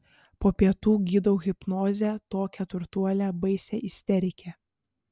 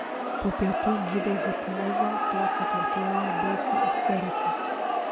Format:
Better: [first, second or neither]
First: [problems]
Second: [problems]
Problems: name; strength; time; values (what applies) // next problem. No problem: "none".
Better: first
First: none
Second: background sound (Cricket); 5 dB above the speech